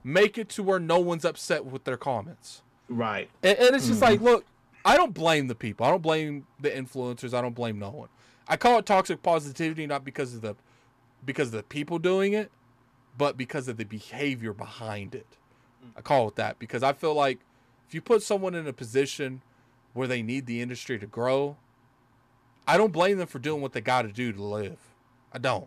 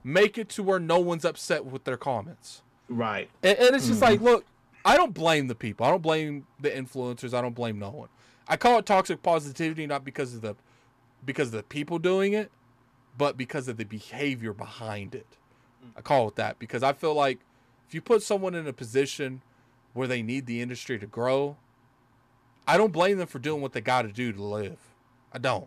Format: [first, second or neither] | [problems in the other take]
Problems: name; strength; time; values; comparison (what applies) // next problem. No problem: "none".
neither | distortion; slight; 1.3% of the sound clipped; the same in both